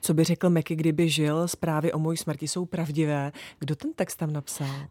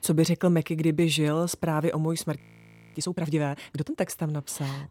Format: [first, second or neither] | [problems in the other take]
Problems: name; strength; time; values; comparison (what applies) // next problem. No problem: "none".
first | audio freezing; at 2.5 s for 0.5 s